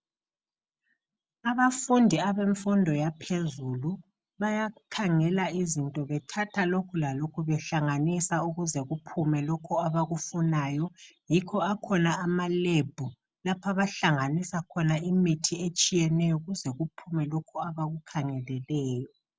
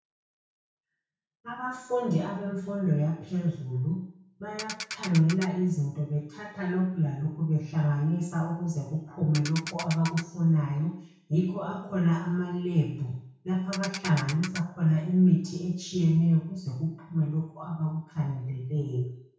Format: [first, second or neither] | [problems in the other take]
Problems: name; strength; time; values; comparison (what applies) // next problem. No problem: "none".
first | background sound (Ratchet, pawl); 11 dB below the speech // room echo; dies away in 0.6 s